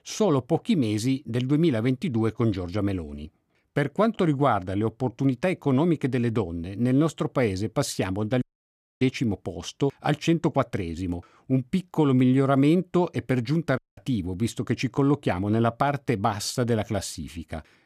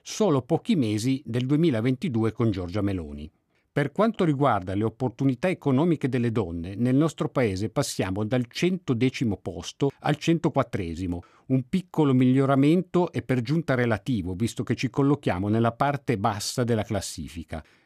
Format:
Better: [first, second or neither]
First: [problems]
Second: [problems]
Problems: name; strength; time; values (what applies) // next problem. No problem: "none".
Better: second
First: audio cutting out; at 8.5 s for 0.5 s and at 14 s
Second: none